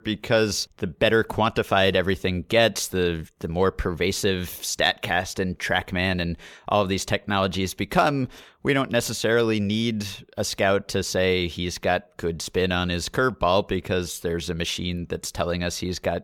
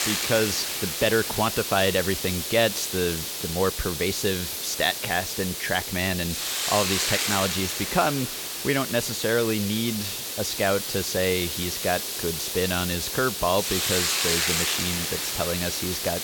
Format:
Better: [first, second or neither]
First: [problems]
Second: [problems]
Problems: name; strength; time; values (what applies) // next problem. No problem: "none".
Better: first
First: none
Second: hiss; loud; throughout; 1 dB below the speech